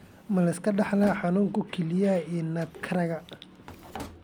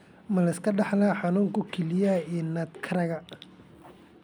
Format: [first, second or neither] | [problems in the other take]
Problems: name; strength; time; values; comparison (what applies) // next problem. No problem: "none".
second | background sound (Drawer open or close); 19 dB below the speech